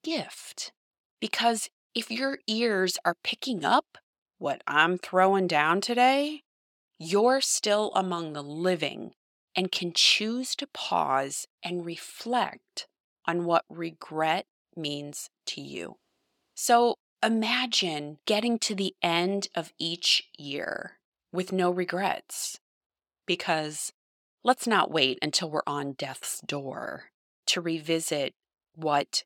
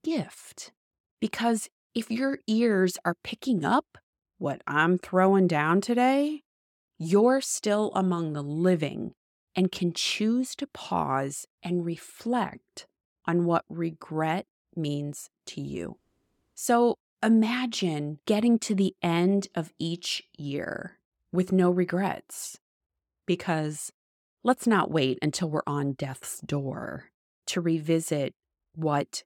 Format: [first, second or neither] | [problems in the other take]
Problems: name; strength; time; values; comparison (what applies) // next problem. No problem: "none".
second | thin; somewhat; fading below 550 Hz